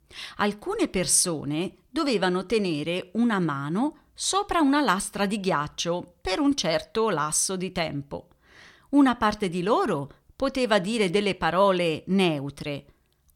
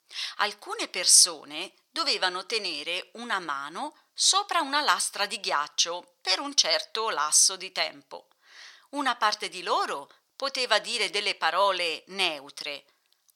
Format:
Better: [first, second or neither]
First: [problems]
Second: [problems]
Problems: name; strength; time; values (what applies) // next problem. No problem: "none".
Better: first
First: none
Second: thin; very; fading below 750 Hz